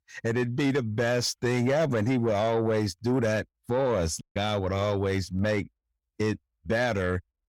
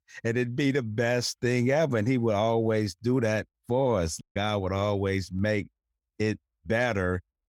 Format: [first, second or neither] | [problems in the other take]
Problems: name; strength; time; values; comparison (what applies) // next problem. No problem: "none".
second | distortion; slight; 10 dB below the speech